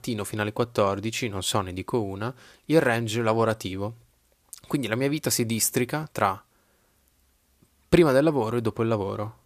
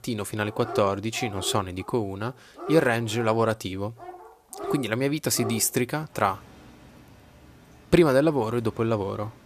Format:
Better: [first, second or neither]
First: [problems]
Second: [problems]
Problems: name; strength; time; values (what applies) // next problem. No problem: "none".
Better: first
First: none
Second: animal sounds; noticeable; throughout; 15 dB below the speech